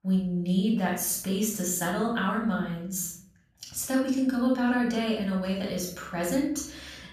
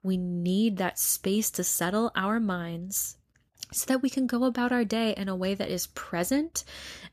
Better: second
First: off-mic speech; far // room echo; noticeable; dies away in 0.5 s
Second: none

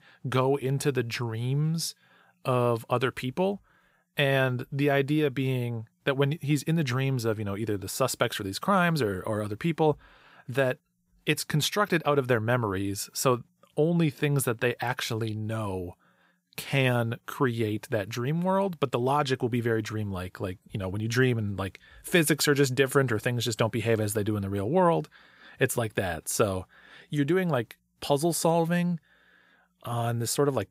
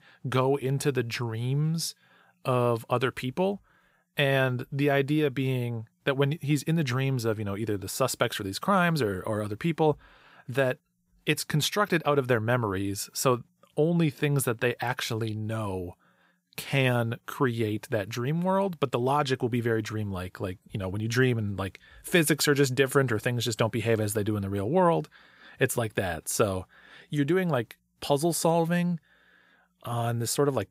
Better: neither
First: none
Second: none

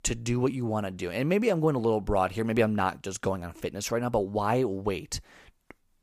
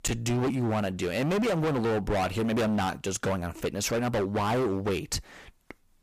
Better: first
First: none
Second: distortion; heavy; 24% of the sound clipped

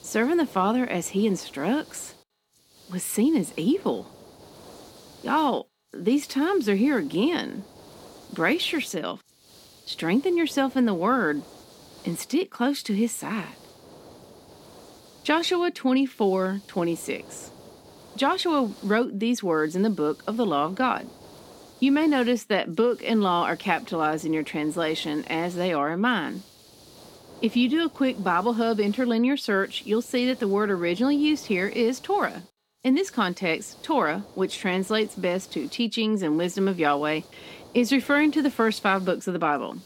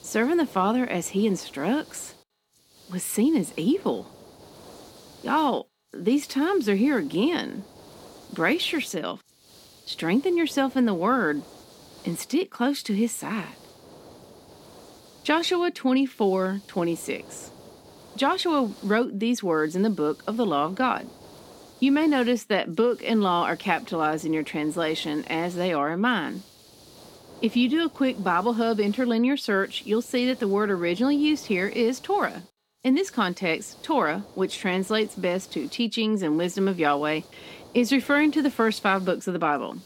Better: neither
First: hiss; faint; throughout; 25 dB below the speech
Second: hiss; faint; throughout; 25 dB below the speech

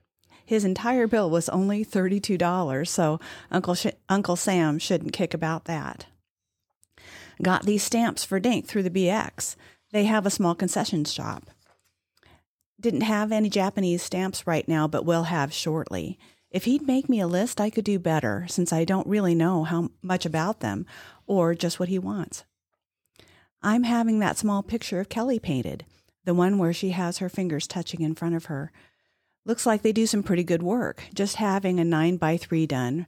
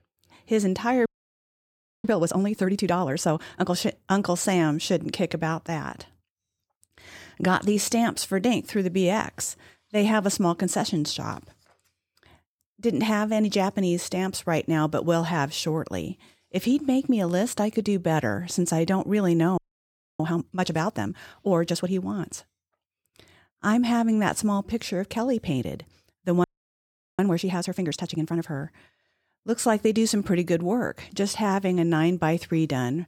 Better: first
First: none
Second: audio freezing; at 1 s for 1 s, at 20 s for 0.5 s and at 26 s for 1 s

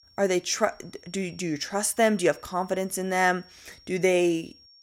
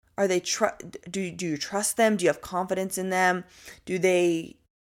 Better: second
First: high-pitched whine; faint; throughout; 5.5 kHz, 25 dB below the speech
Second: none

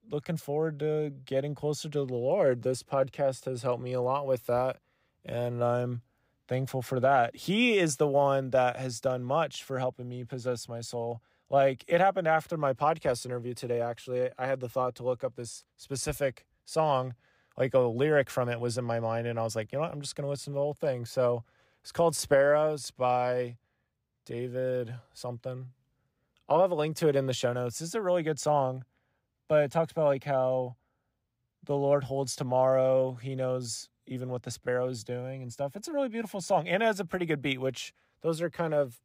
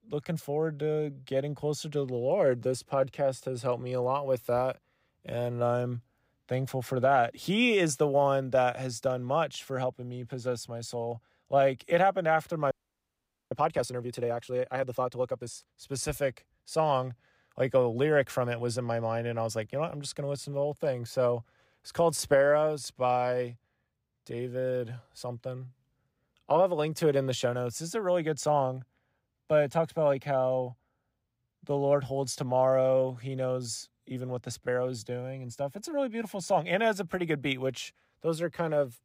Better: first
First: none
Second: audio freezing; at 13 s for 1 s

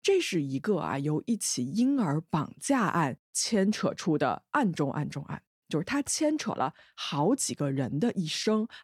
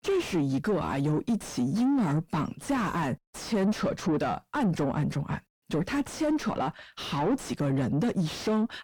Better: first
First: none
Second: distortion; heavy; 6 dB below the speech

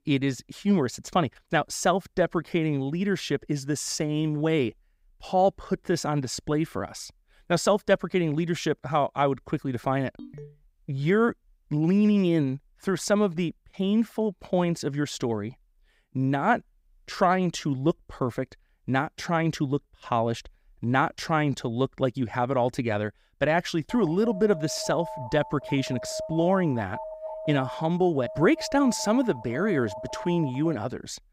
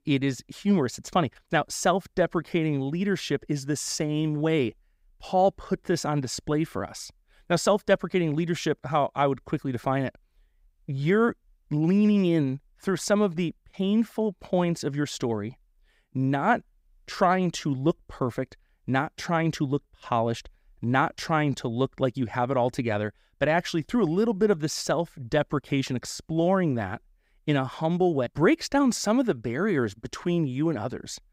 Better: second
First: phone ringing; faint; at 10 s; peak 15 dB below the speech // alarm; noticeable; from 24 to 31 s; peak 9 dB below the speech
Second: none

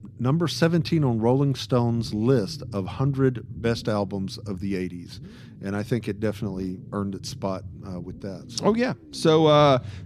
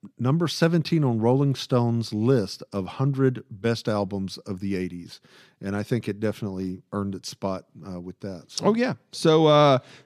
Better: second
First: low rumble; faint; throughout; 25 dB below the speech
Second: none

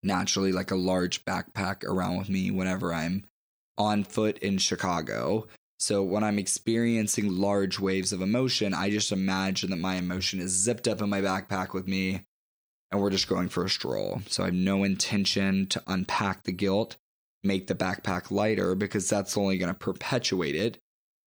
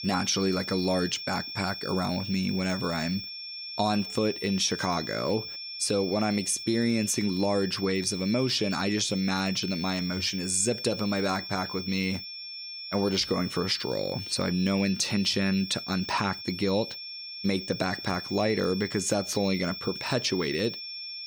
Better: first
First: none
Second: high-pitched whine; loud; throughout; 5.5 kHz, 8 dB below the speech

